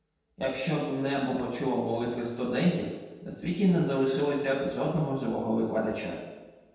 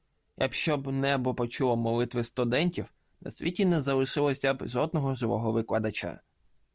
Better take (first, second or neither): second